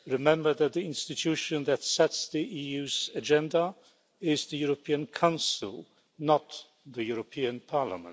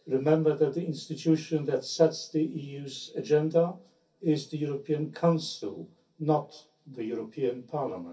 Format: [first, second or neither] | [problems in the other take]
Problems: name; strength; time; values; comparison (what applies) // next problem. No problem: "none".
first | room echo; dies away in 0.3 s